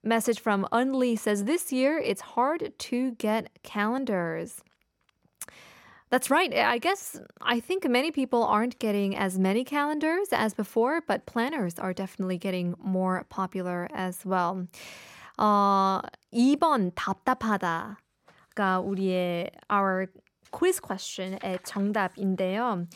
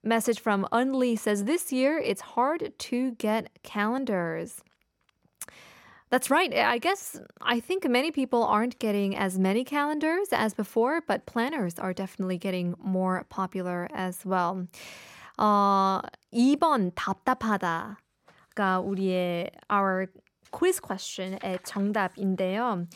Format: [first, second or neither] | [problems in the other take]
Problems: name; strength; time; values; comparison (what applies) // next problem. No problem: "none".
neither | none